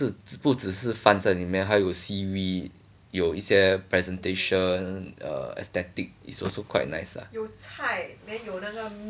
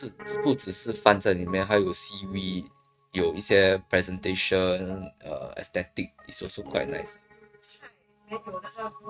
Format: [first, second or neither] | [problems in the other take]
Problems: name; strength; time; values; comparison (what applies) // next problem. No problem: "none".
first | noise reduction (neural mask model RNNoise)